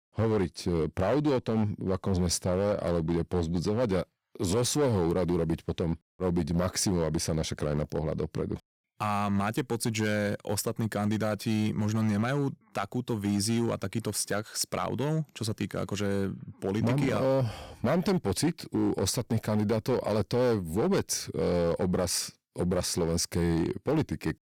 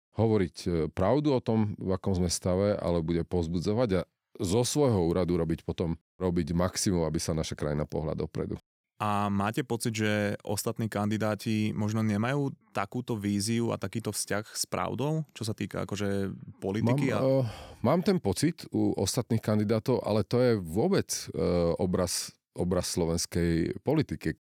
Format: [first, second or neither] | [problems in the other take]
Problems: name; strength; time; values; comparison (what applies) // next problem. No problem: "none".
second | distortion; slight; 7% of the sound clipped